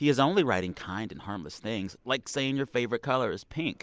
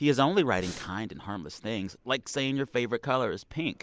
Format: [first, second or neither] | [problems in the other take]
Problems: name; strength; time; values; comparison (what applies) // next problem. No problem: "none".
first | background sound (Breathing); 13 dB below the speech